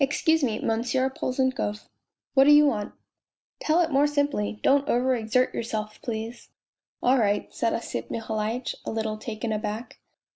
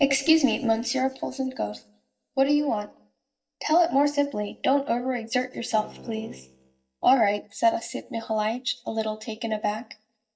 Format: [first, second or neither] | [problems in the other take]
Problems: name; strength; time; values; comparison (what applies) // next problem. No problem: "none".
first | noise reduction (neural mask model DeepFilterNet 3)